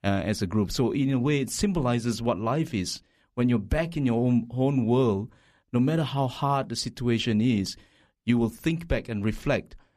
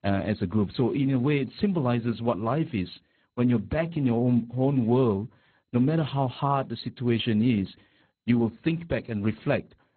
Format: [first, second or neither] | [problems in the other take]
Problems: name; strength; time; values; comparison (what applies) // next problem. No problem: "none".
first | garbled, watery; badly; nothing above 4 kHz